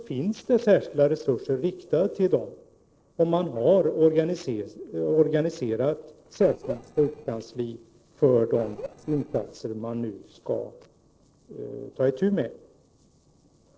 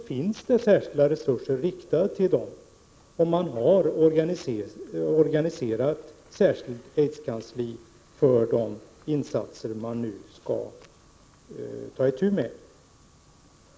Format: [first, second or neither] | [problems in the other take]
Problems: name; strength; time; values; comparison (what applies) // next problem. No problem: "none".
second | noise reduction (neural separator model SepFormer DNS4)